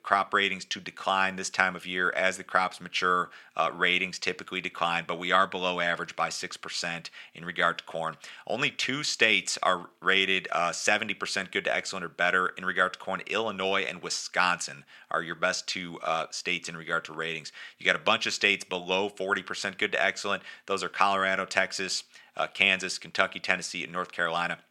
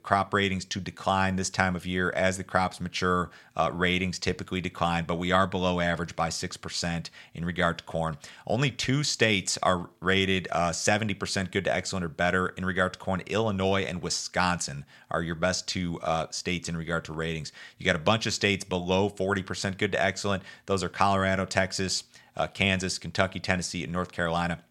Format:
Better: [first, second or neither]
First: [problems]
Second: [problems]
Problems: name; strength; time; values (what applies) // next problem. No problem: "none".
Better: second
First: thin; somewhat; fading below 250 Hz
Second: none